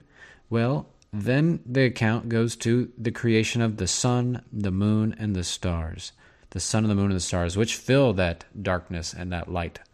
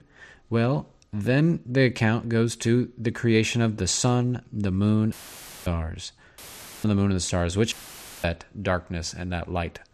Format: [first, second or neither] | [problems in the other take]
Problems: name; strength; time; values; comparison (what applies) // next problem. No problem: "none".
first | audio cutting out; filled with static; at 5 s for 0.5 s, at 6.5 s and at 7.5 s for 0.5 s